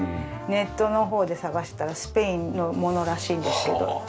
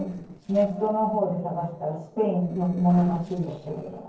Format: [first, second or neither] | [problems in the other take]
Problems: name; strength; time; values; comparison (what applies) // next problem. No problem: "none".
first | noise reduction (neural separator model SepFormer DNS4)